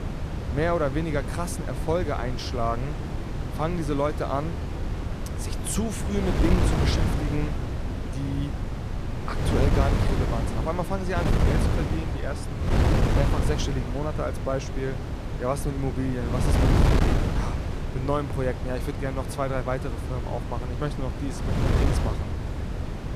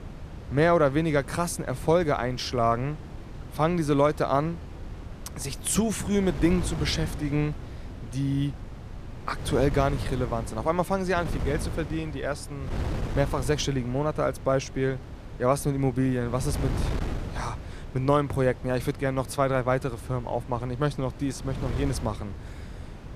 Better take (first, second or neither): second